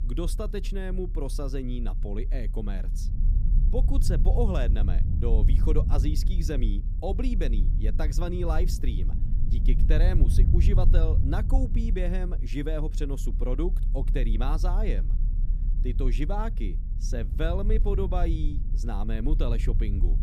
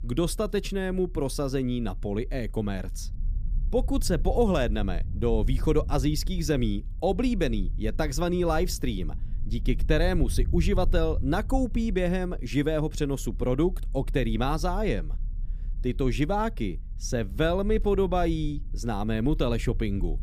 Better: second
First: low rumble; loud; throughout; 10 dB below the speech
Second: low rumble; faint; throughout; 25 dB below the speech

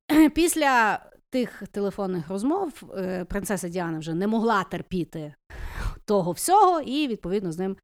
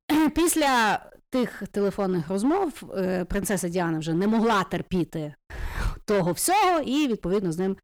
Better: first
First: none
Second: distortion; heavy; 13% of the sound clipped

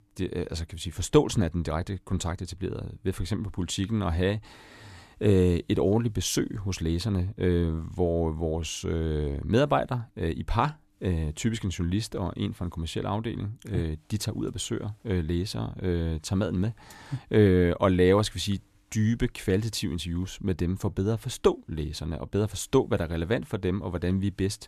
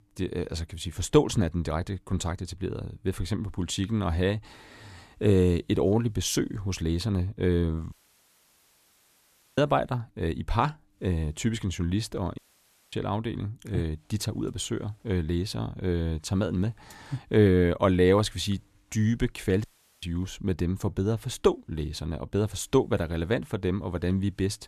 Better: first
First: none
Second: audio cutting out; at 8 s for 1.5 s, at 12 s for 0.5 s and at 20 s

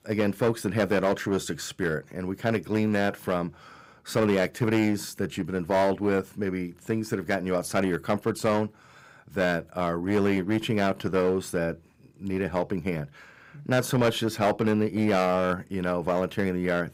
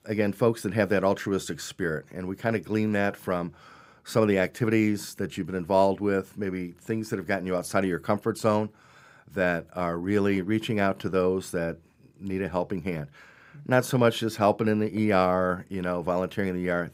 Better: second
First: distortion; slight; 5% of the sound clipped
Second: none

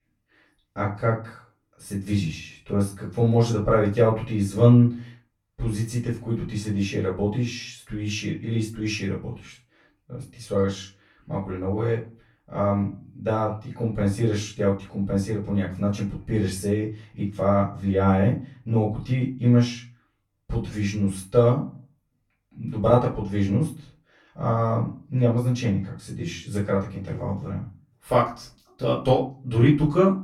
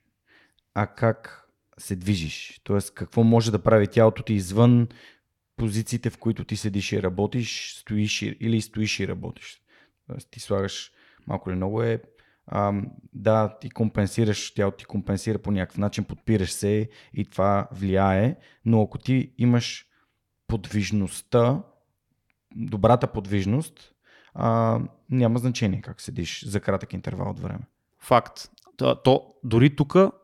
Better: second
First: off-mic speech; far // room echo; slight; dies away in 0.3 s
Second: none

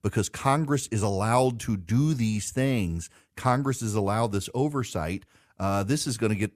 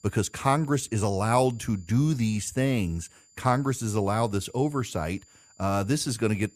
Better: first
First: none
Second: high-pitched whine; faint; throughout; 7 kHz, 30 dB below the speech

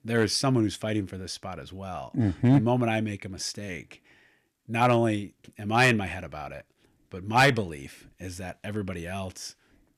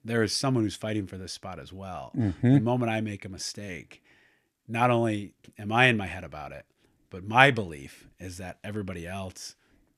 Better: second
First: distortion; slight; 0.8% of the sound clipped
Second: none

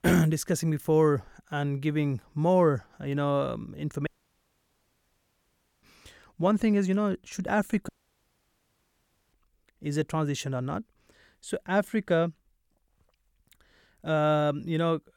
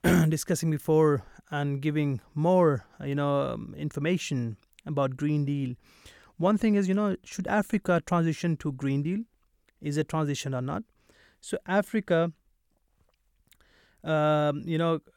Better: second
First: audio cutting out; at 4 s for 2 s and at 8 s for 1.5 s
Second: none

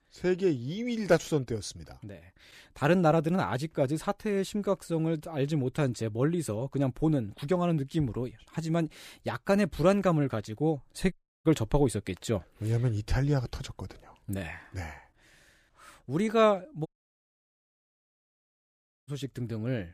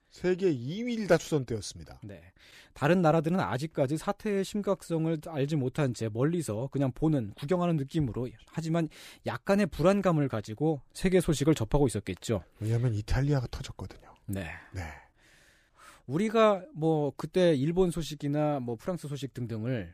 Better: second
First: audio cutting out; at 11 s and at 17 s for 2 s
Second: none

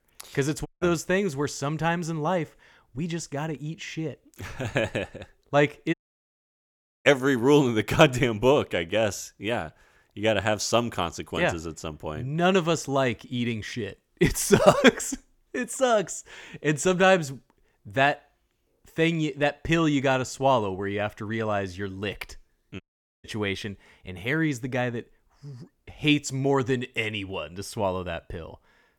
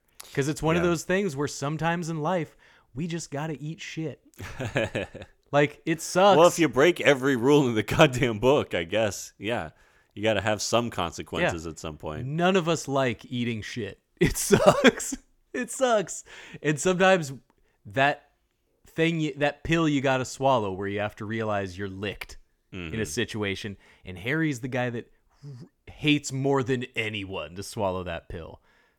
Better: second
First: audio cutting out; at 0.5 s, at 6 s for 1 s and at 23 s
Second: none

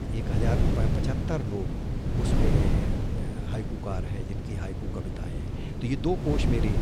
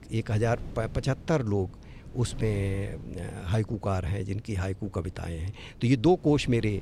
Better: second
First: wind noise on the microphone; heavy; as loud as the speech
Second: wind noise on the microphone; occasional gusts; 20 dB below the speech

